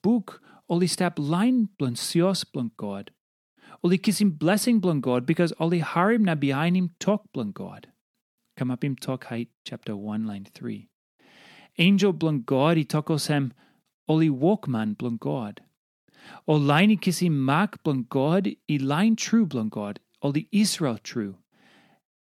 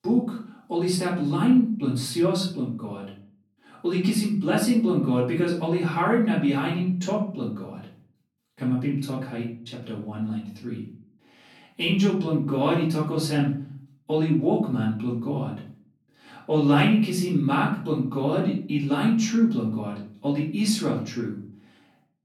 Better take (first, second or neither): first